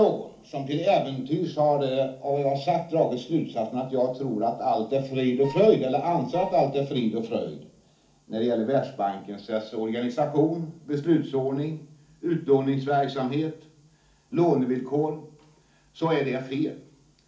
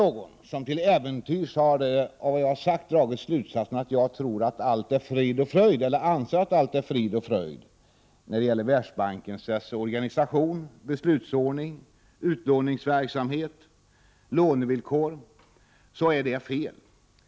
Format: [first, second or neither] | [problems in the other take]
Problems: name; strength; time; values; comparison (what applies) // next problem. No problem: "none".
second | background sound (Wind instrument, woodwind instrument); 16 dB below the speech // room echo; dies away in 0.4 s